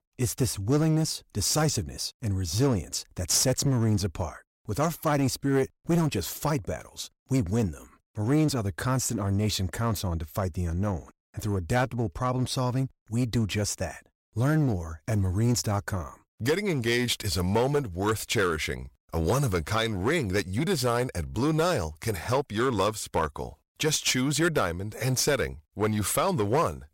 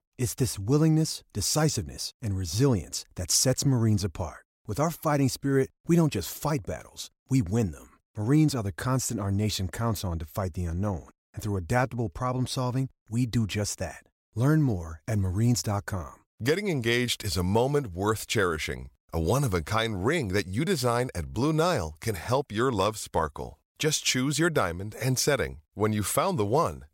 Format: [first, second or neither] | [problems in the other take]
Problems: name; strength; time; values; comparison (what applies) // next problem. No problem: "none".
second | distortion; slight; 6% of the sound clipped